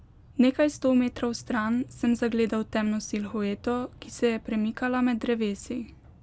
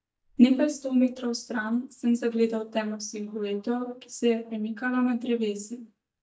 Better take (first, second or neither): first